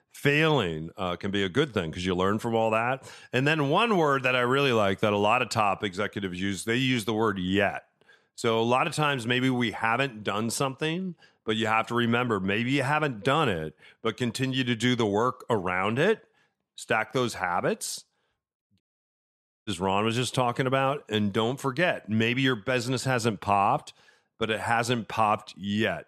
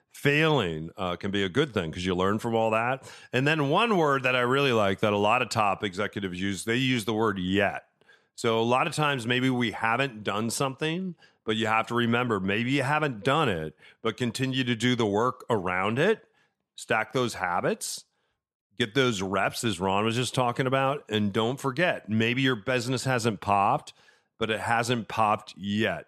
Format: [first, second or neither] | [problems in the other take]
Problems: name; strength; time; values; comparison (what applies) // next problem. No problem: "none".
second | audio cutting out; at 19 s for 1 s